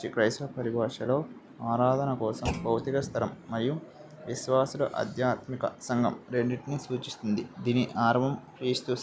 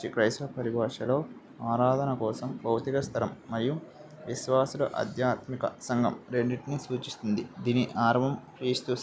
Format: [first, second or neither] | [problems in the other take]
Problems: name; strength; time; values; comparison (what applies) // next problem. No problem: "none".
second | background sound (Thump, thud); 12 dB below the speech